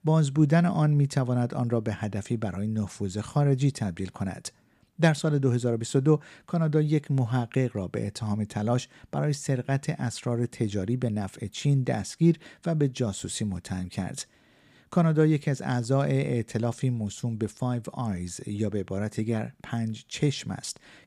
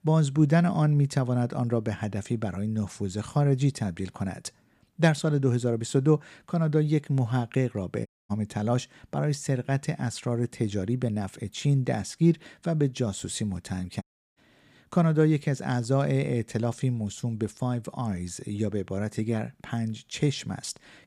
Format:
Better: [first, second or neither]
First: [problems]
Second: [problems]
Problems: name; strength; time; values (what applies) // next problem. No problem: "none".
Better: first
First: none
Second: audio cutting out; at 8 s and at 14 s